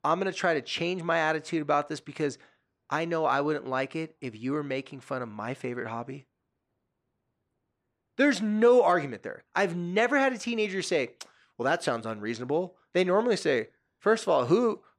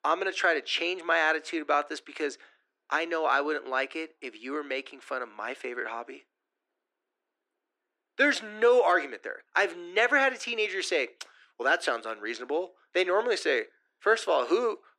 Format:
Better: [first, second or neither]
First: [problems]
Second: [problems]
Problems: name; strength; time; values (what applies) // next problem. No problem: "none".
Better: first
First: none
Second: thin; somewhat; fading below 300 Hz